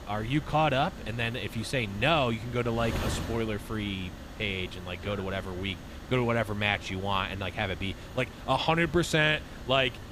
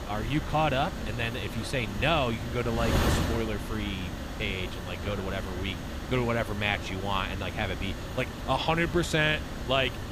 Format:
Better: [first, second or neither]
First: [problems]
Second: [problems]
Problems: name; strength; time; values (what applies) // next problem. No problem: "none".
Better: first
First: wind noise on the microphone; occasional gusts; 15 dB below the speech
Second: wind noise on the microphone; heavy; 8 dB below the speech